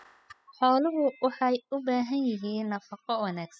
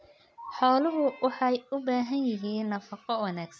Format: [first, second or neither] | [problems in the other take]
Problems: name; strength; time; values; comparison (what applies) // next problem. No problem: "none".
second | noise reduction (classical method spectral subtraction)